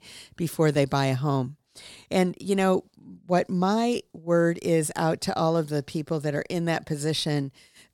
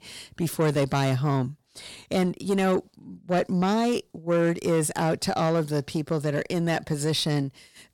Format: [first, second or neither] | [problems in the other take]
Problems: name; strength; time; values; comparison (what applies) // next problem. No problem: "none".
first | distortion; slight; 10 dB below the speech